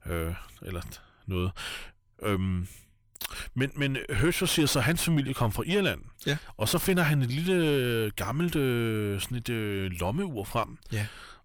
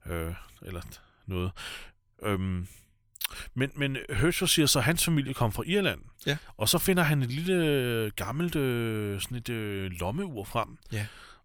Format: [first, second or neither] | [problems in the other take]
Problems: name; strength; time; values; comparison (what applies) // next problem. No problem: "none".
second | distortion; slight; 10 dB below the speech